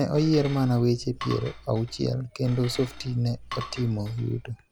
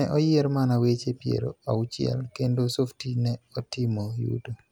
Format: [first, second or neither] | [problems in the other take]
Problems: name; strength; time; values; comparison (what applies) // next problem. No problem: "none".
second | background sound (Cutlery, silverware / Dishes, pots, and pans); 15 dB below the speech